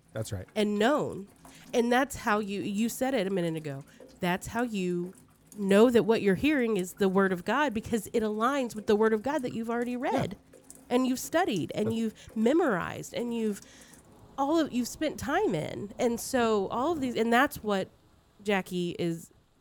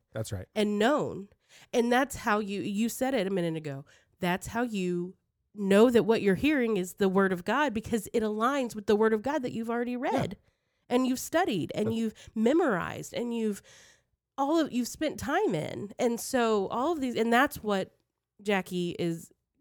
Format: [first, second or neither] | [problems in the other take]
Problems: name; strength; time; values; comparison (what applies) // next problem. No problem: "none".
second | rain or running water; faint; throughout; 25 dB below the speech